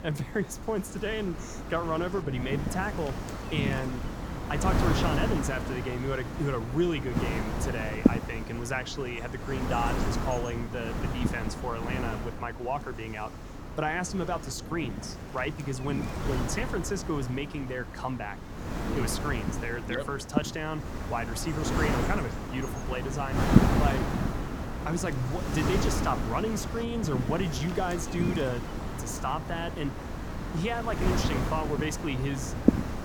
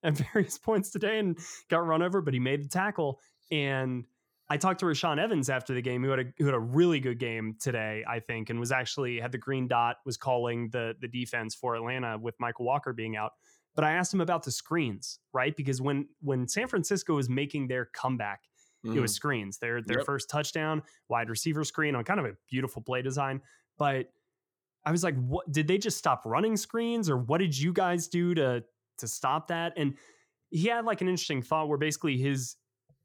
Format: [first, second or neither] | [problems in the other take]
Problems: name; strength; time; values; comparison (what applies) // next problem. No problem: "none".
second | wind noise on the microphone; heavy; 3 dB below the speech